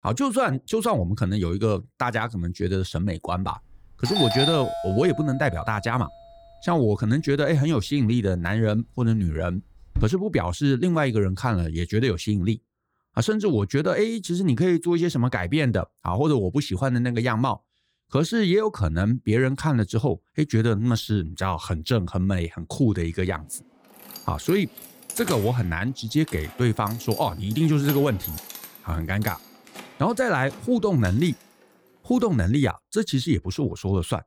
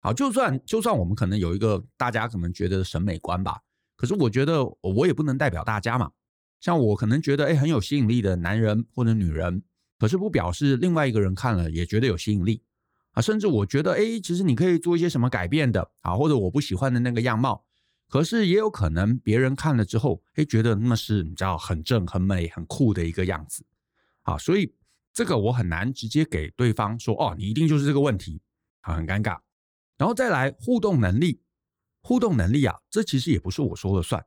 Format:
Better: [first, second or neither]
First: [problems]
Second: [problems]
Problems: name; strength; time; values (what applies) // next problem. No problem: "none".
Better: second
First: doorbell; loud; from 4 to 10 s; peak 2 dB above the speech // jangling keys; noticeable; from 24 to 31 s; peak 8 dB below the speech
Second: none